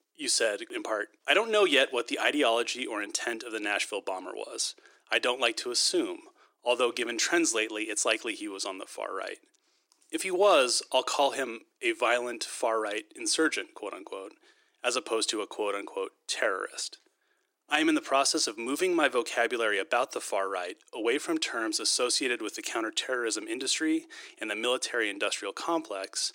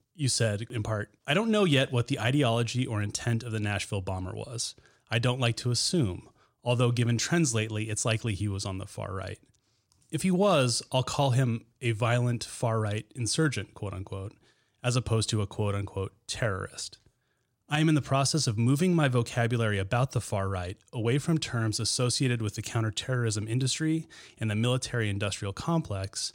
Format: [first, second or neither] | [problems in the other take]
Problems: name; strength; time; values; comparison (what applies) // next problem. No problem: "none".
second | thin; very; fading below 300 Hz